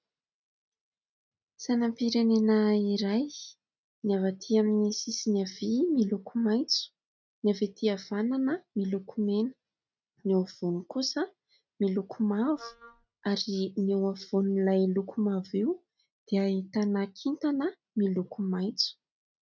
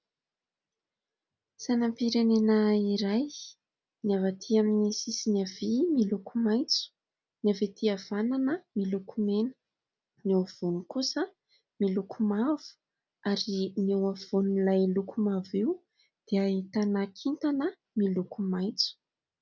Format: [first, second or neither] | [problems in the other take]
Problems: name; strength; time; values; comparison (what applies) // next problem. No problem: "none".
second | noise reduction (neural mask model RNNoise)